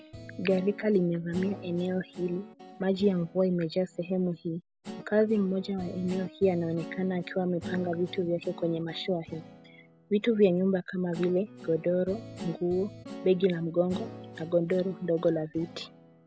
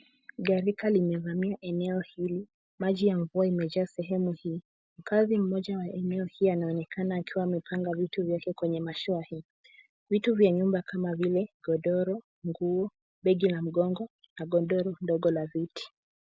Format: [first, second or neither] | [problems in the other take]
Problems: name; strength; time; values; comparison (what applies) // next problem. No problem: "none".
second | background sound (Guitar); 15 dB below the speech